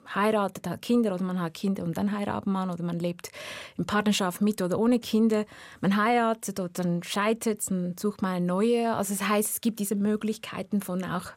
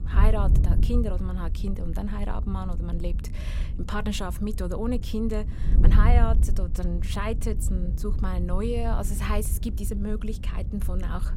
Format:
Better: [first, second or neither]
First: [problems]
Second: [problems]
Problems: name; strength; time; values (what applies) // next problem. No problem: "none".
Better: first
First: none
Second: wind noise on the microphone; heavy; 10 dB below the speech